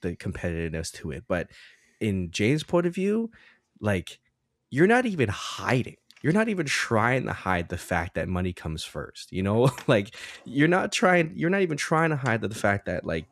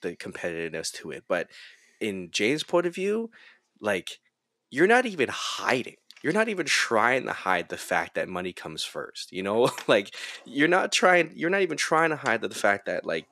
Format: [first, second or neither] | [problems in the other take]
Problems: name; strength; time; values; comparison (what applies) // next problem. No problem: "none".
first | thin; somewhat; fading below 350 Hz